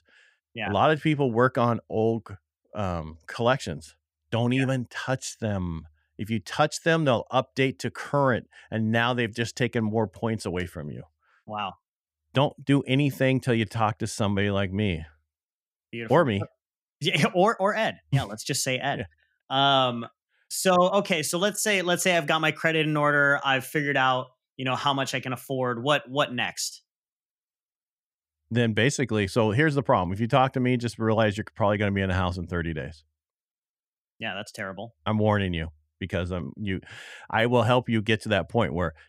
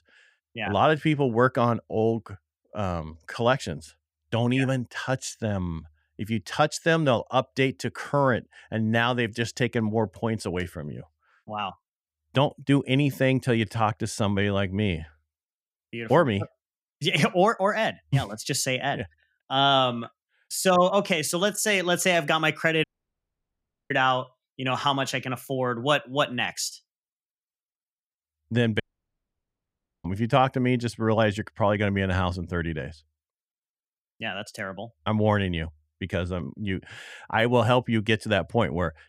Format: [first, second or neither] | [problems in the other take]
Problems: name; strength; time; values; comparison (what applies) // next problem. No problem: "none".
first | audio cutting out; at 23 s for 1 s and at 29 s for 1 s